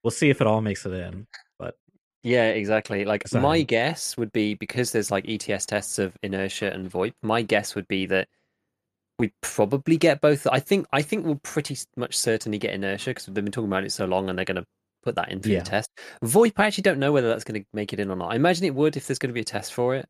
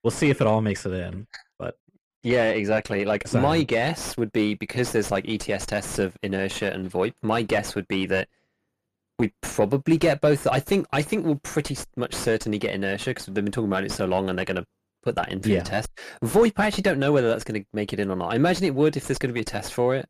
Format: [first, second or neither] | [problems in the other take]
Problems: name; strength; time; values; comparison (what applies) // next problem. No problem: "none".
first | distortion; slight; 9 dB below the speech